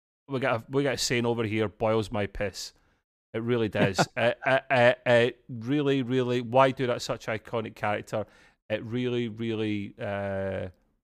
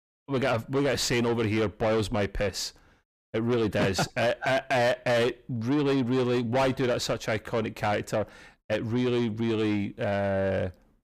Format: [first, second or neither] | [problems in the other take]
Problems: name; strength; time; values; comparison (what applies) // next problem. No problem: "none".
first | distortion; heavy; 6 dB below the speech